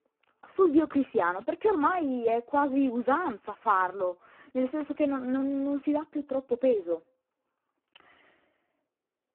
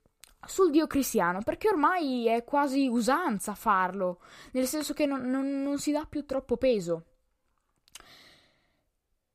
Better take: second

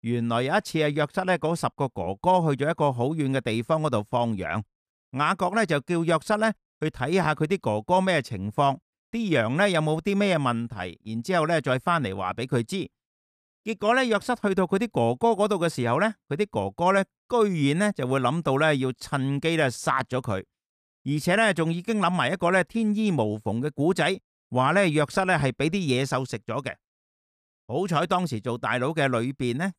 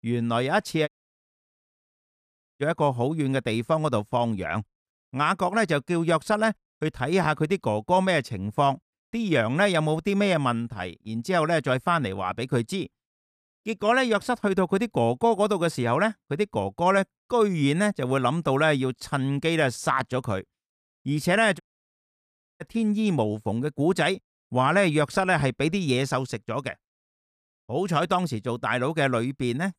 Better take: first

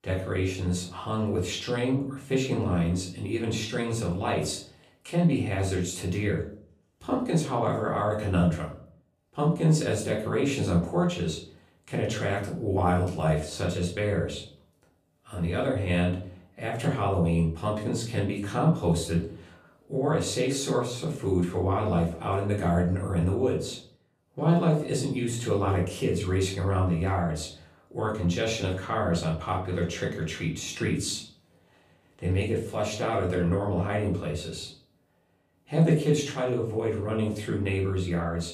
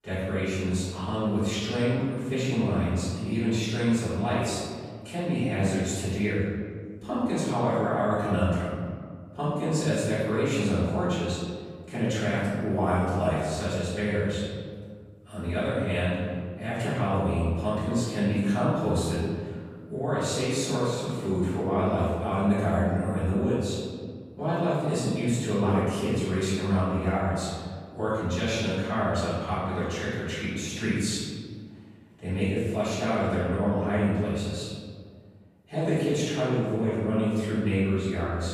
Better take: first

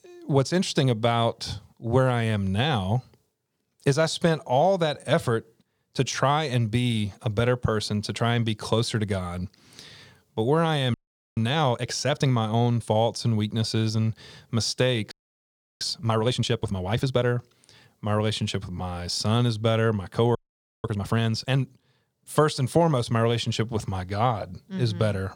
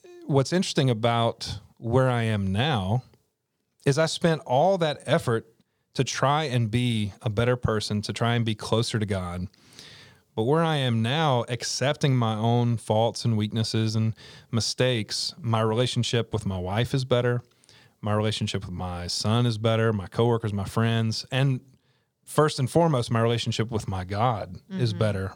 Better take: second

